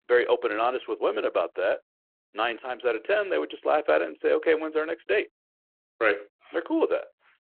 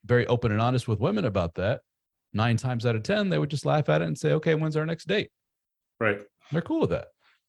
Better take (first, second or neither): second